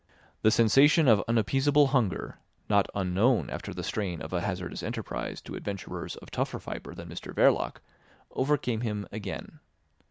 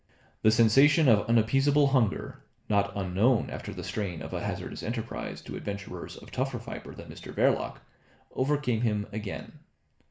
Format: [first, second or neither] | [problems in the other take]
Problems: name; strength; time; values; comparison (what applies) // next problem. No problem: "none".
first | room echo; dies away in 0.4 s